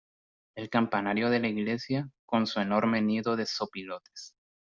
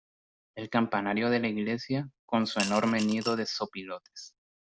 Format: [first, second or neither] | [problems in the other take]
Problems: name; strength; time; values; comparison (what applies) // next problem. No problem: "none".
first | background sound (Coin (dropping) / Glass); 9 dB below the speech